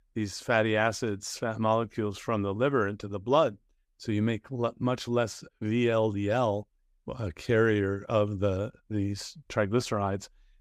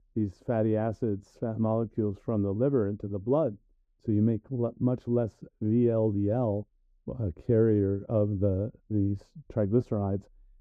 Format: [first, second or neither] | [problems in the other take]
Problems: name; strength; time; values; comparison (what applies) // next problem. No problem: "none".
first | muffled; very; fading above 1 kHz